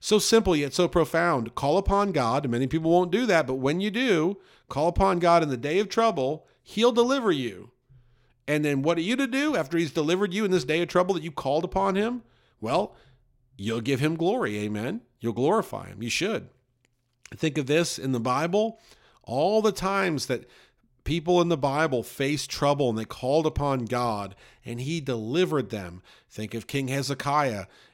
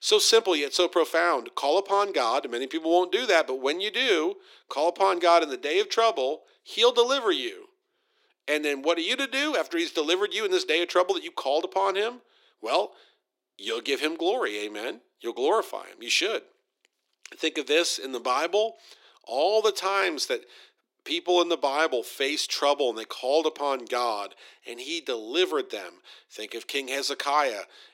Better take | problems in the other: first | thin; somewhat; fading below 350 Hz

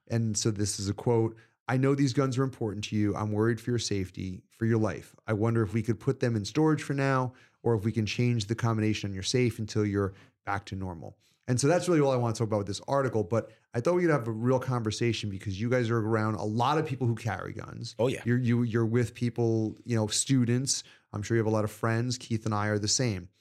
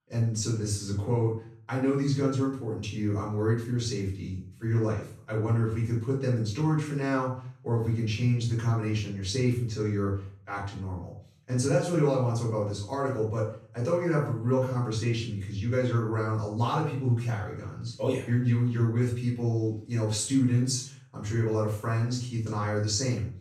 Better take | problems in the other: first | off-mic speech; far // room echo; noticeable; dies away in 0.4 s

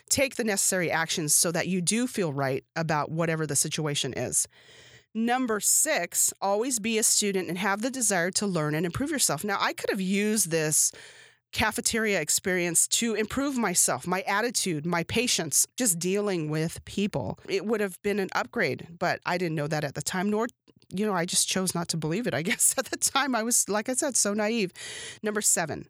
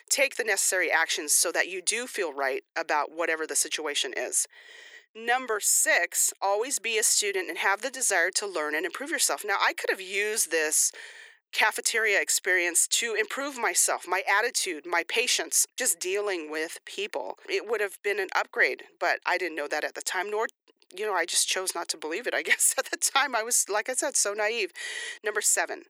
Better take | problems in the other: first | thin; very; fading below 350 Hz

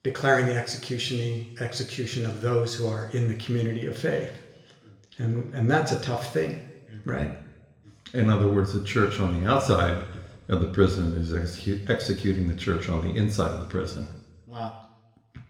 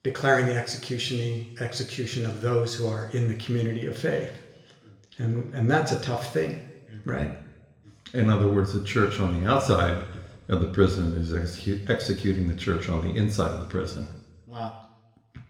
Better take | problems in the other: neither | room echo; slight; dies away in 0.9 s; the same in both // off-mic speech; somewhat distant; the same in both

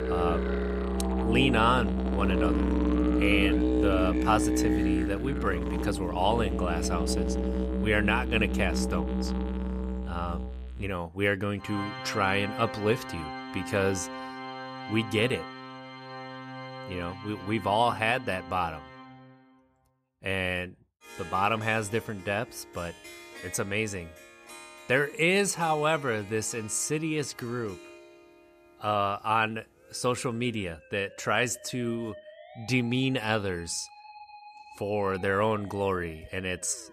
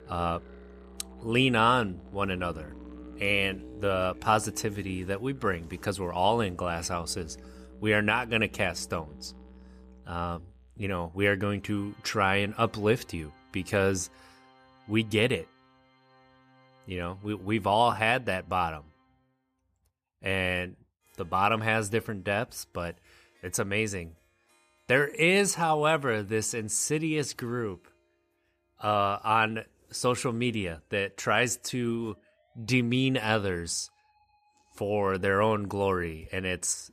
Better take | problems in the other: second | background music; loud; throughout; 2 dB below the speech; faint in the second

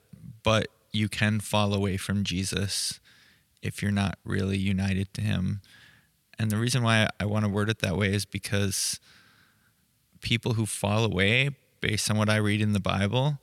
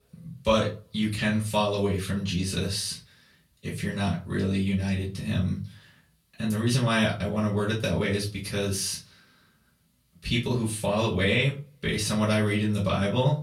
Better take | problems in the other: first | off-mic speech; far // room echo; slight; dies away in 0.3 s

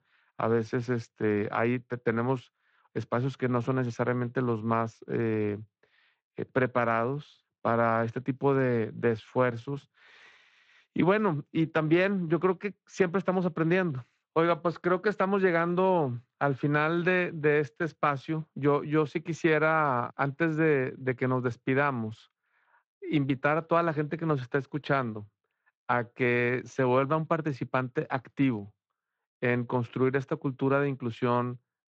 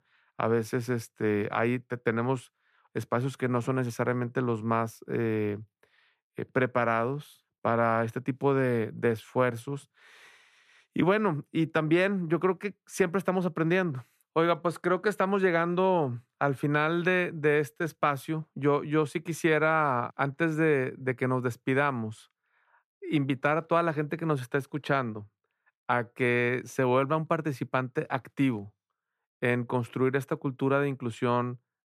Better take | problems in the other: second | garbled, watery; slightly

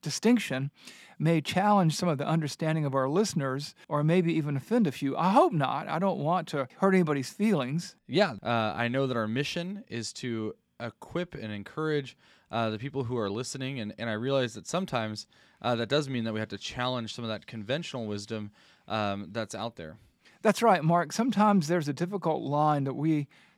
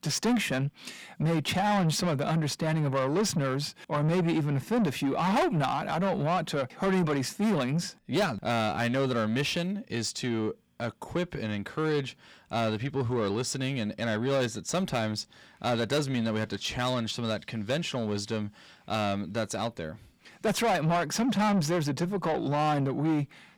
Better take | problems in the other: first | distortion; heavy; 7 dB below the speech

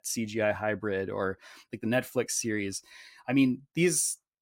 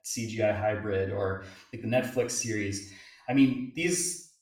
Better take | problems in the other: first | room echo; noticeable; dies away in 0.5 s // off-mic speech; far

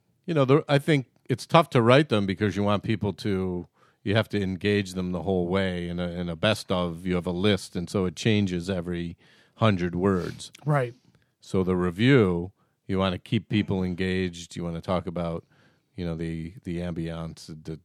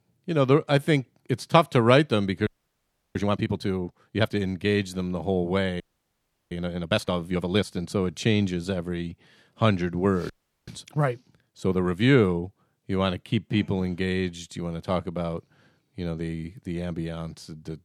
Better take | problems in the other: first | audio freezing; at 2.5 s for 0.5 s, at 6 s for 0.5 s and at 10 s

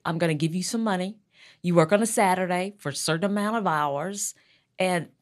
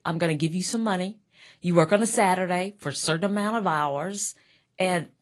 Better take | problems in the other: first | garbled, watery; slightly; nothing above 11 kHz

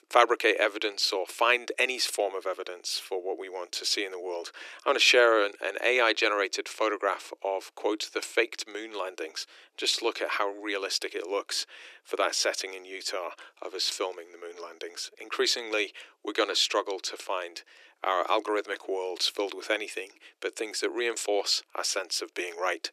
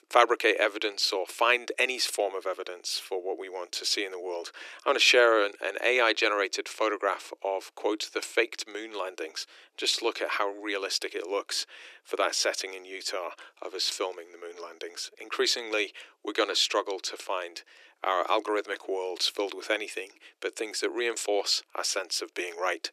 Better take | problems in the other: neither | thin; very; fading below 300 Hz; the same in both

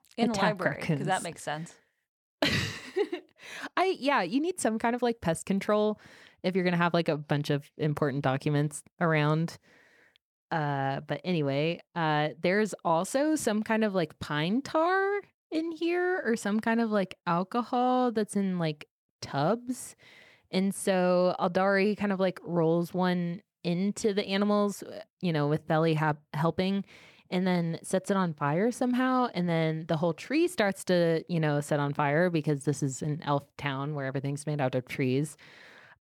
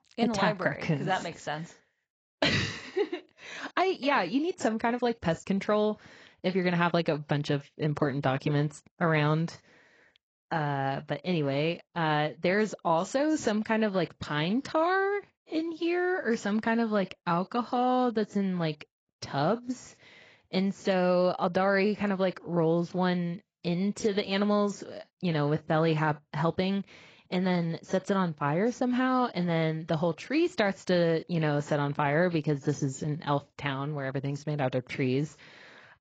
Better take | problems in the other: first | garbled, watery; badly; nothing above 7.5 kHz

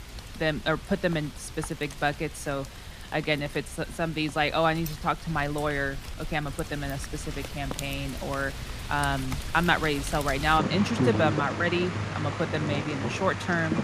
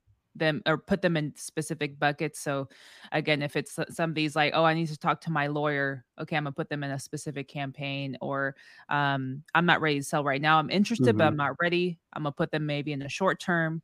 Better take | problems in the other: second | rain or running water; loud; throughout; 7 dB below the speech

